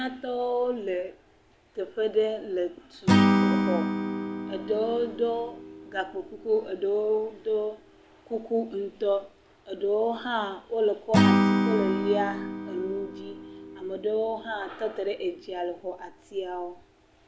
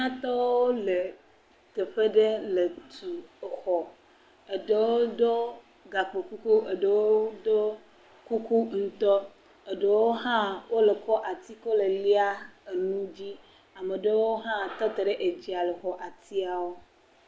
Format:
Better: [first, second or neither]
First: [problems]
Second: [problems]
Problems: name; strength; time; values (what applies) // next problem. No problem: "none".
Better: second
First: background sound (Acoustic guitar / Strum); as loud as the speech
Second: none